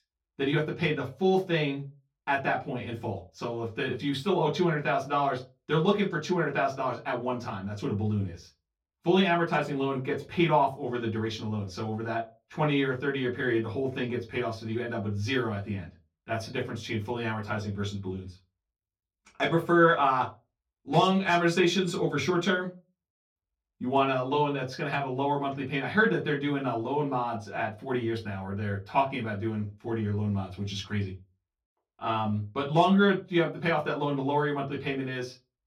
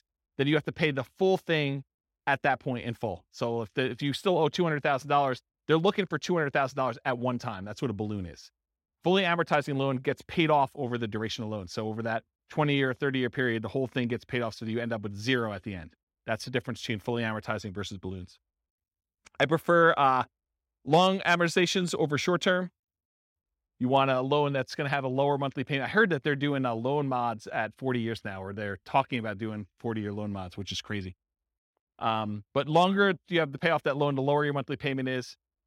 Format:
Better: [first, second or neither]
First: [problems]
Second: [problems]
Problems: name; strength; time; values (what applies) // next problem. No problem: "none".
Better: second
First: off-mic speech; far // room echo; very slight; dies away in 0.2 s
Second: none